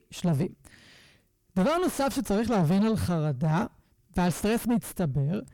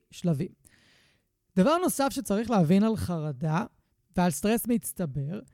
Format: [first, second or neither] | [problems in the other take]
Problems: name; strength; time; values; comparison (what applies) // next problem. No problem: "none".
second | distortion; heavy; 5 dB below the speech